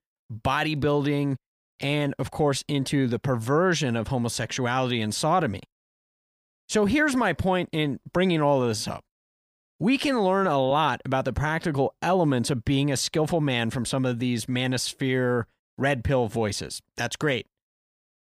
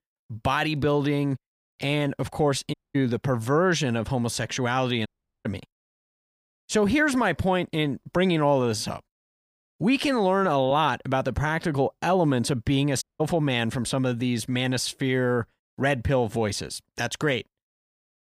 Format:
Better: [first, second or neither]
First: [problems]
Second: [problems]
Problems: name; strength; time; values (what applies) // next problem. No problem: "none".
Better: first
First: none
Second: audio cutting out; at 2.5 s, at 5 s and at 13 s